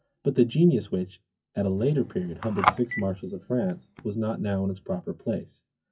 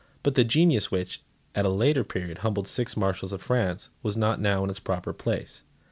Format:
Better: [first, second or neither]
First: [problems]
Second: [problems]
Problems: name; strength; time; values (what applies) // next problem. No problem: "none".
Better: second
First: noise reduction (classical method WPE with log-MMSE)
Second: none